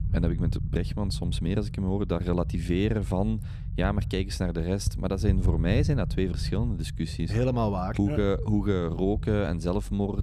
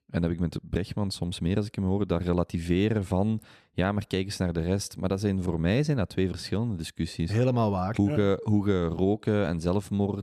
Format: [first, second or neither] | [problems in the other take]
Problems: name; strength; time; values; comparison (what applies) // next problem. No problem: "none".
second | low rumble; noticeable; throughout; 15 dB below the speech